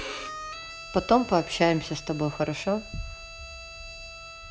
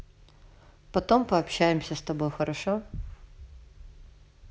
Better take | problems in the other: second | background sound (Bowed string instrument); 12 dB below the speech

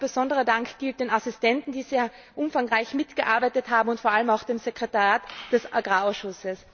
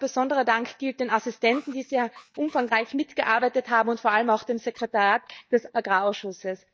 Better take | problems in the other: first | noise reduction (neural mask model DeepFilterNet 3)

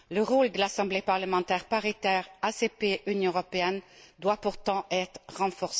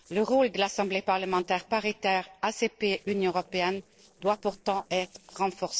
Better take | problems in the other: first | noise reduction (neural separator model SepFormer DNS4)

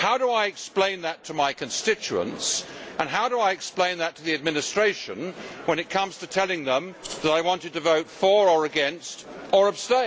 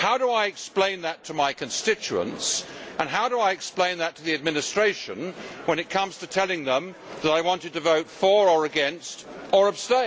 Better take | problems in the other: second | background sound (Rattle (instrument)); 15 dB below the speech

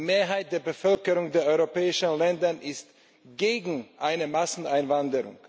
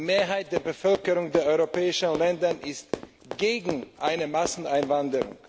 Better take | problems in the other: first | background sound (Run); 11 dB below the speech

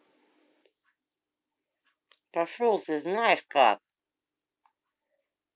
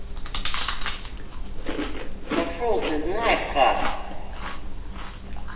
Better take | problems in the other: first | background sound (Chewing, mastication); 2 dB above the speech // room echo; dies away in 2.4 s

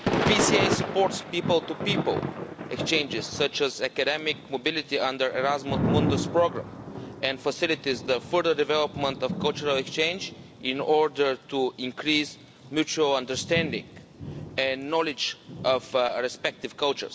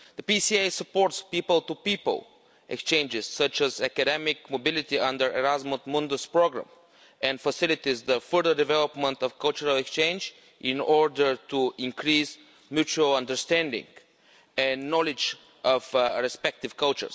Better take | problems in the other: second | background sound (Thunder / Rain); 6 dB below the speech

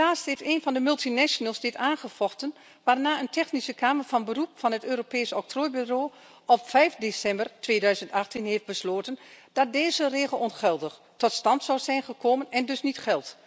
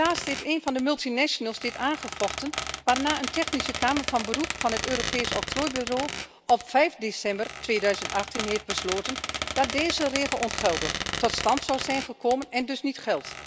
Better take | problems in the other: first | background sound (Squeak); 6 dB below the speech

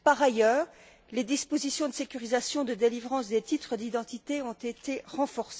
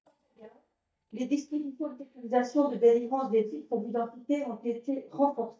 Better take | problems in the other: first | noise reduction (neural mask model DeepFilterNet 3)

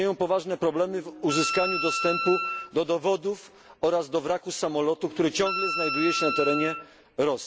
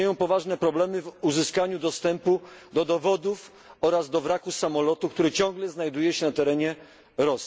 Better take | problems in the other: second | background sound (Wind instrument, woodwind instrument); 4 dB below the speech

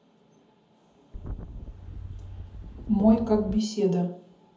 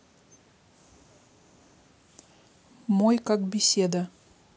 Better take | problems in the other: second | background sound (Wind); 10 dB below the speech // room echo; dies away in 0.7 s

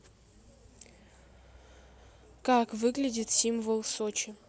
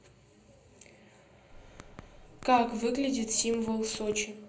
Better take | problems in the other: first | background sound (Typing); 18 dB below the speech // room echo; dies away in 0.5 s

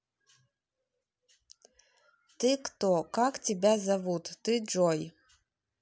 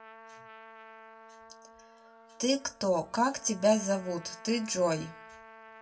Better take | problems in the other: first | background sound (Trumpet); 19 dB below the speech // room echo; dies away in 0.2 s

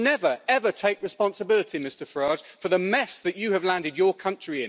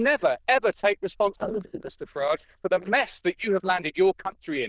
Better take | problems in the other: first | noise reduction (neural diffusion model UNIVERSE++)

